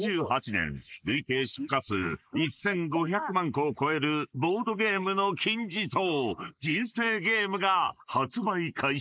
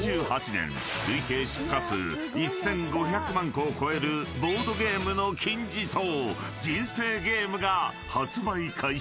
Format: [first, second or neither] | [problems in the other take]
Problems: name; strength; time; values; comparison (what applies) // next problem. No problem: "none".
second | noise reduction (neural mask model Resemble Enhance denoiser)